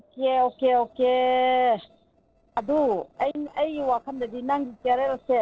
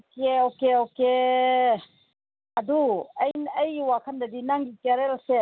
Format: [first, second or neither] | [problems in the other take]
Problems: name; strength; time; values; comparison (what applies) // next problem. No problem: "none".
second | noise reduction (neural separator model SepFormer DNS4)